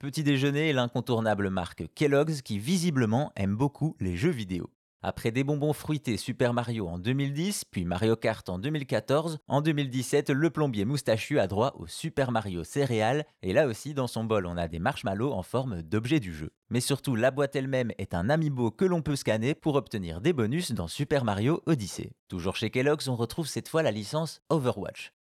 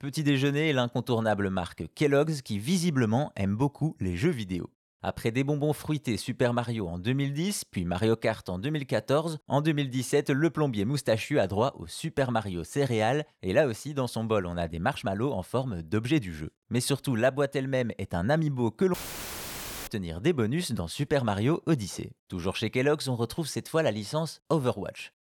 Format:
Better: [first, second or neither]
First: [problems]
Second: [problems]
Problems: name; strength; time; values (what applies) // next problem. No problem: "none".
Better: first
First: none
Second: audio cutting out; filled with static; at 19 s for 1 s